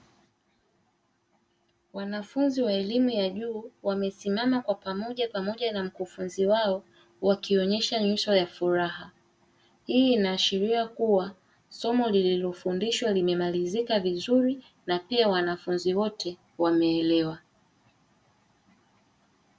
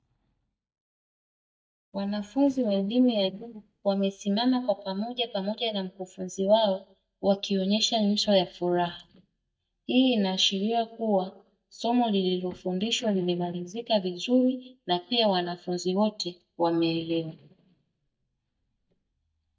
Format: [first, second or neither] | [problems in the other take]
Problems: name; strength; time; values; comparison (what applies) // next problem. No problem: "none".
first | noise reduction (neural mask model DeepFilterNet 3)